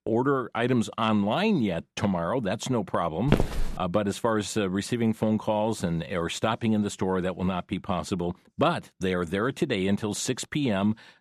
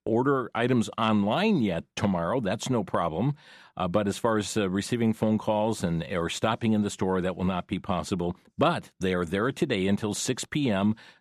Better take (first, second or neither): second